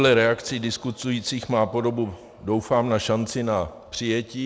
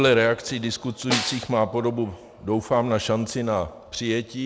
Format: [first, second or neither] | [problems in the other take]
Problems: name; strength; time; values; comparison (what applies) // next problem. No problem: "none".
first | background sound (Snare drum); 9 dB below the speech